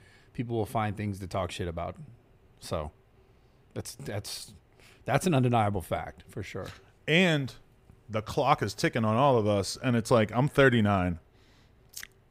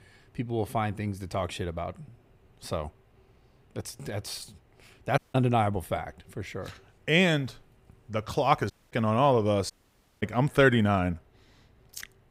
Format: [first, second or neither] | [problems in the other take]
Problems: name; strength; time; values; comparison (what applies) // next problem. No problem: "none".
first | audio cutting out; at 5 s, at 8.5 s and at 9.5 s for 0.5 s